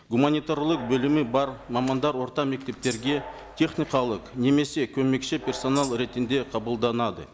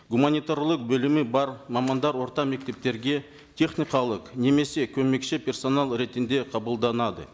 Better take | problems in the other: second | background sound (Tambourine + Train); 17 dB below the speech

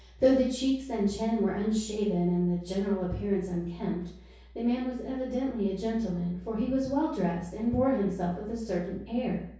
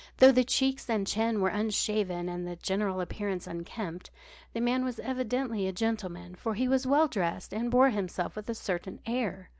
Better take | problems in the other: second | room echo; dies away in 0.6 s

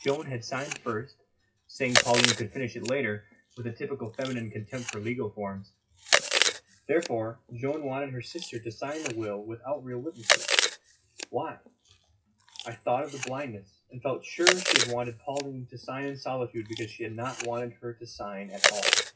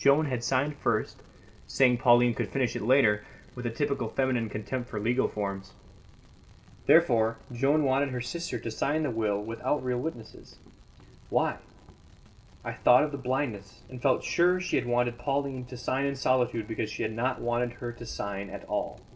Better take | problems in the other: second | noise reduction (classical method WPE with log-MMSE)

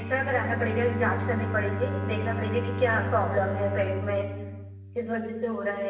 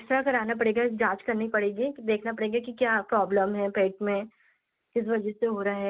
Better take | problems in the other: second | background sound (Bowed string instrument); 3 dB below the speech // room echo; dies away in 1.1 s

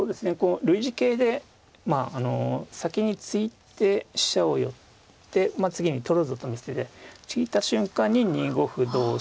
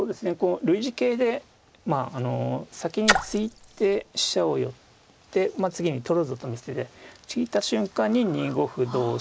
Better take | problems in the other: first | noise reduction (neural mask model Resemble Enhance denoiser)

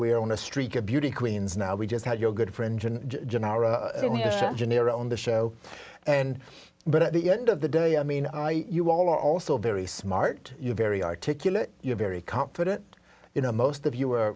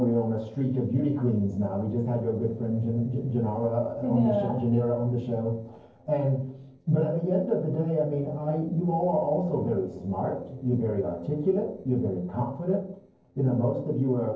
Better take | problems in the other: first | noise reduction (neural separator model SepFormer DNS4)

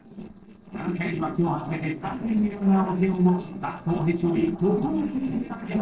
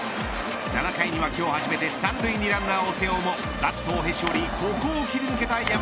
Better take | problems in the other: second | noise reduction (neural separator model SepFormer DNS4)

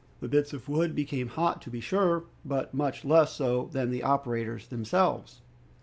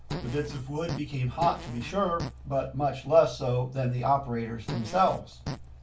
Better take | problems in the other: first | background sound (Fart); 11 dB below the speech // room echo; dies away in 0.2 s

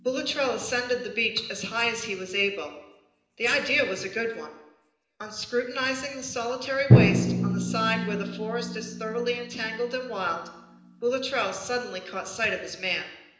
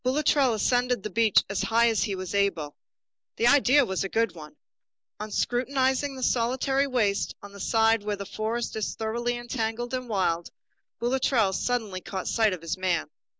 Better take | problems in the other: second | background sound (Drum); 1 dB below the speech // room echo; dies away in 0.9 s

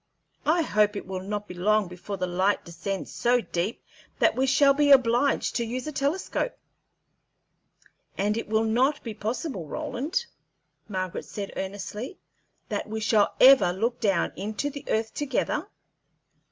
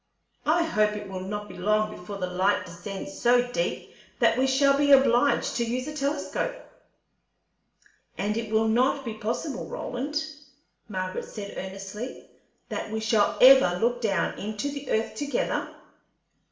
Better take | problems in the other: first | room echo; dies away in 0.6 s

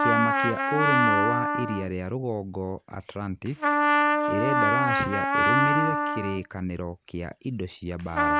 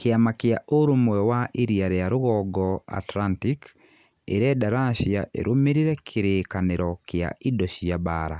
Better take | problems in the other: second | background sound (Trumpet); 5 dB above the speech

